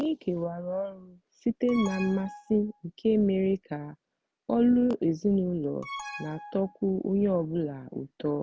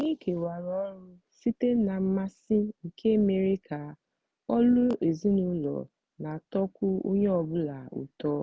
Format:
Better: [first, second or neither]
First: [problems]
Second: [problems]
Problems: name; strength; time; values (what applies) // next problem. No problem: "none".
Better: second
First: background sound (Alarm); 14 dB below the speech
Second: none